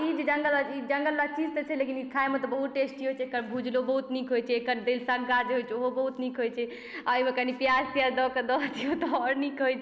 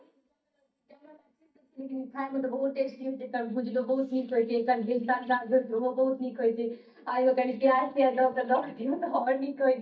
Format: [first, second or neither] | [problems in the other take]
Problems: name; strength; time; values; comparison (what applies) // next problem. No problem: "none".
first | noise reduction (neural mask model DeepFilterNet 3)